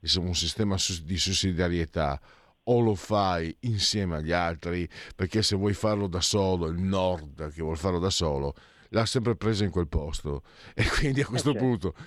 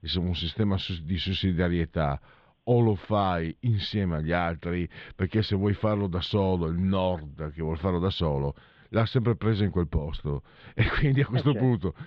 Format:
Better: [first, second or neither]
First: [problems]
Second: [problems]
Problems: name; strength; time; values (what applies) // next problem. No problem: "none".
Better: first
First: none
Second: muffled; slightly; fading above 3.5 kHz